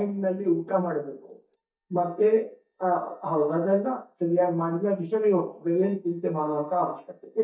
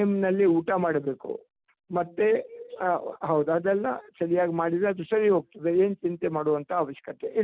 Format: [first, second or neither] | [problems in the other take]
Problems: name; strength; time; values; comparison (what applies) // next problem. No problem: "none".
second | noise reduction (neural mask model DeepFilterNet 3)